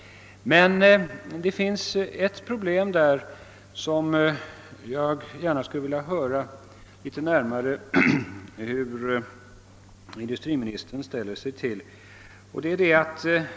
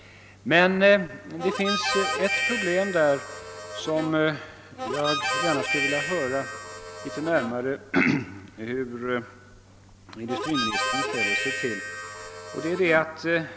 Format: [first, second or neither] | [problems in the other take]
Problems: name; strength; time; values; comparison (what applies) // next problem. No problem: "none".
first | background sound (Harmonica); 3 dB below the speech